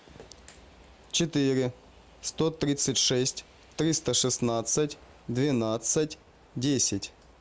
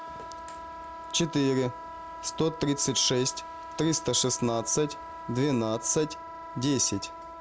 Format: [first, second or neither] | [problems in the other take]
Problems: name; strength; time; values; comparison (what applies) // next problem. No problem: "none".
first | background sound (Wind instrument, woodwind instrument); 12 dB below the speech